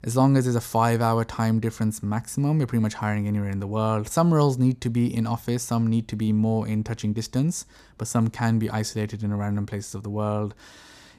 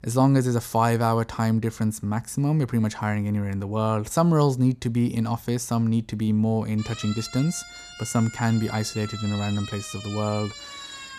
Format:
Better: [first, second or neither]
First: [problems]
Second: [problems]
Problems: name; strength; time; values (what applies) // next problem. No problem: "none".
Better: first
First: none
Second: siren; faint; from 7 s on; peak 10 dB below the speech